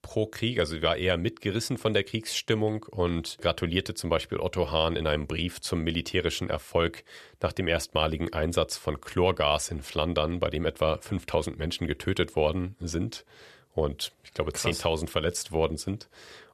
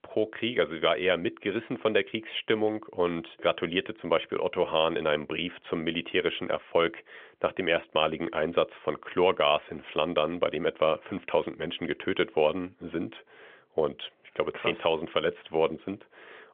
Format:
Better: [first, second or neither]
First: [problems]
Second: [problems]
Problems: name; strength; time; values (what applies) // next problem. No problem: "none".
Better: first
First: none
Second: phone-call audio; nothing above 3.5 kHz